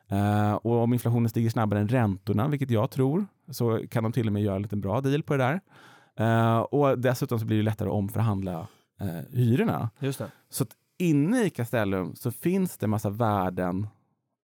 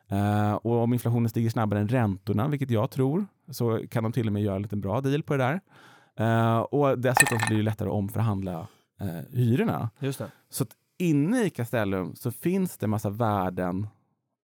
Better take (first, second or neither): first